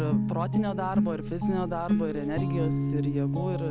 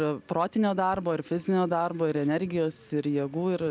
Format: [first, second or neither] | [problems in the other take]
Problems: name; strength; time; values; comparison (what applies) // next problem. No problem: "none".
second | background sound (Guitar); 4 dB above the speech